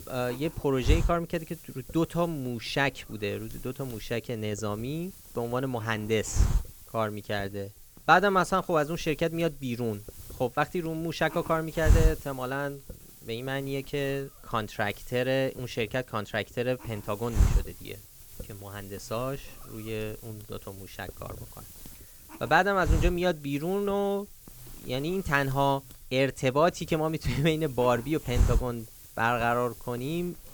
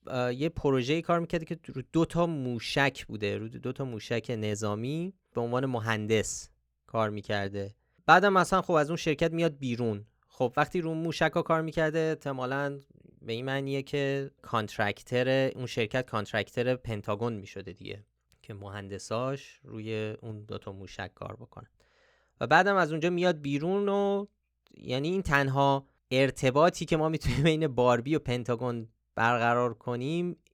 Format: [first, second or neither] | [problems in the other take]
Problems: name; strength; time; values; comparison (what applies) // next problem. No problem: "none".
second | hiss; loud; throughout; 7 dB below the speech